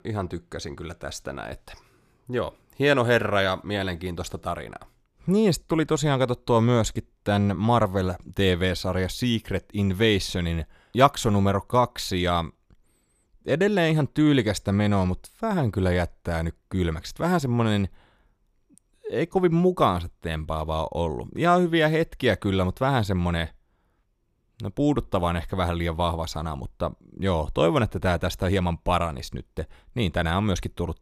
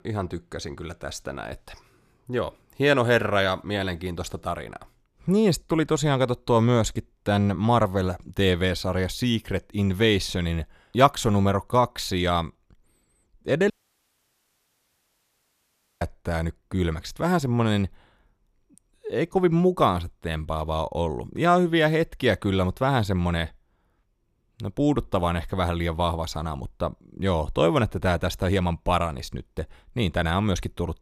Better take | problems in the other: first | audio cutting out; at 14 s for 2.5 s

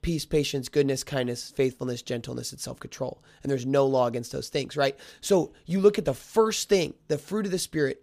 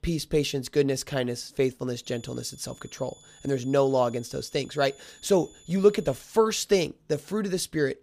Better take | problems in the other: first | high-pitched whine; faint; from 2 to 6 s; 7 kHz, 25 dB below the speech

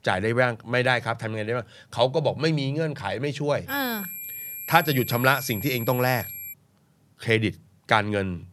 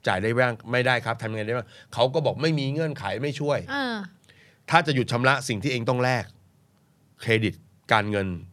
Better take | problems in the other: second | high-pitched whine; loud; from 3.5 to 6.5 s; 11.5 kHz, 9 dB below the speech

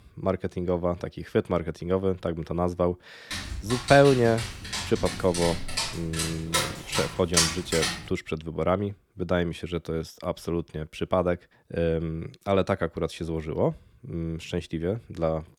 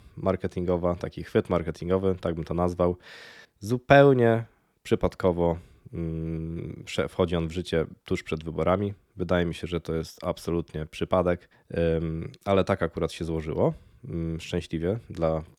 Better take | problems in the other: second | dog barking; loud; from 3.5 to 8 s; peak 5 dB above the speech

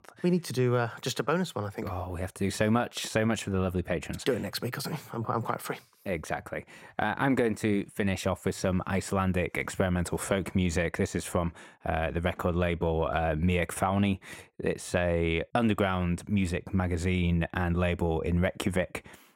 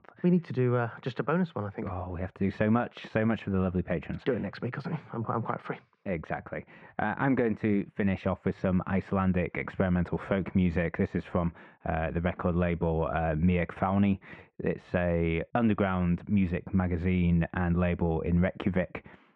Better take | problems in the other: first | muffled; very; fading above 2.5 kHz

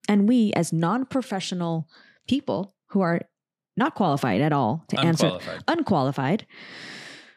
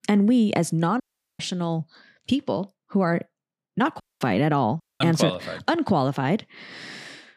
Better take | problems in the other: first | audio cutting out; at 1 s, at 4 s and at 5 s

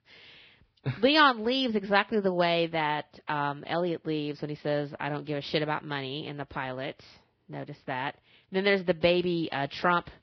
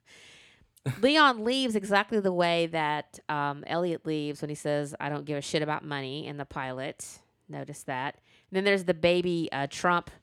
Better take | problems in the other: second | garbled, watery; badly; nothing above 5 kHz

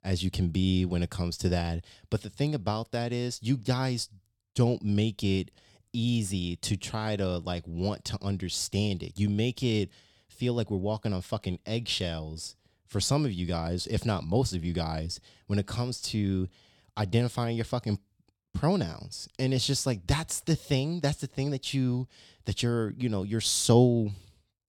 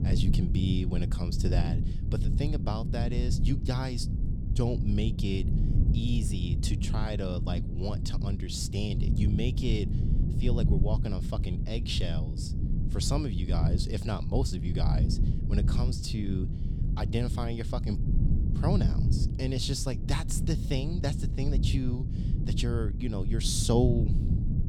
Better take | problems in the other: first | low rumble; loud; throughout; 6 dB below the speech

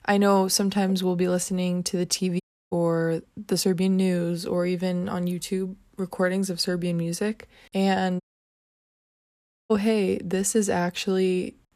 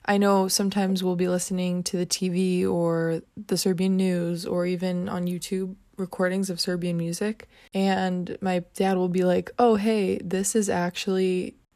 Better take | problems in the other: second | audio cutting out; at 2.5 s and at 8 s for 1.5 s

